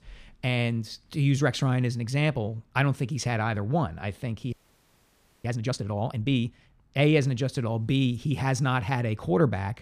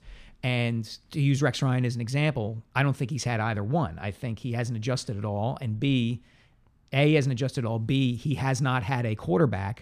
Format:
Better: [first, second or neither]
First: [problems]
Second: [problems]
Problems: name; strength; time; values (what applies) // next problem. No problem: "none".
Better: second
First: audio freezing; at 4.5 s for 1 s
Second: none